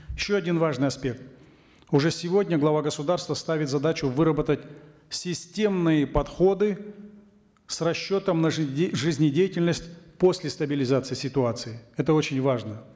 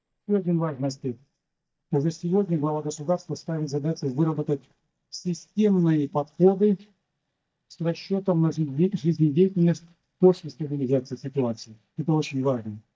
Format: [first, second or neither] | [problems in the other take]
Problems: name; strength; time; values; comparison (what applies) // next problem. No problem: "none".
first | noise reduction (neural mask model DeepFilterNet 3)